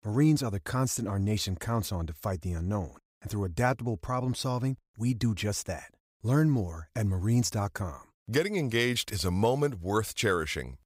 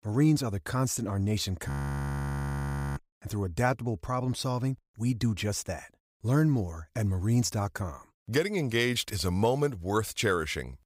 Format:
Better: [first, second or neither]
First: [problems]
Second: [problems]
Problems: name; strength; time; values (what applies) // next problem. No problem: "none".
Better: first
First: none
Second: audio freezing; at 1.5 s for 1.5 s